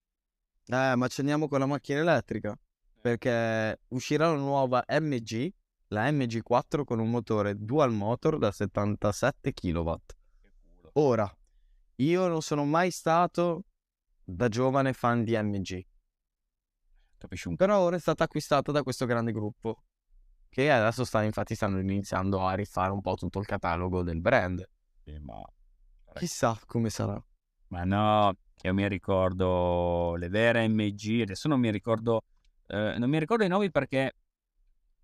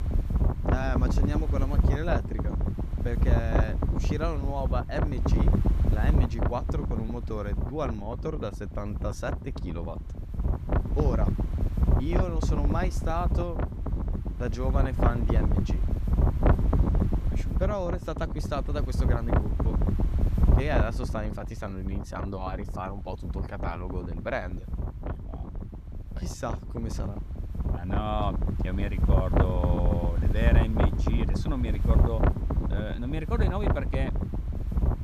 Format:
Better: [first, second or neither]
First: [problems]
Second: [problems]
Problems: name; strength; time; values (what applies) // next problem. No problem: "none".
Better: first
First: none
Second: wind noise on the microphone; heavy; 2 dB below the speech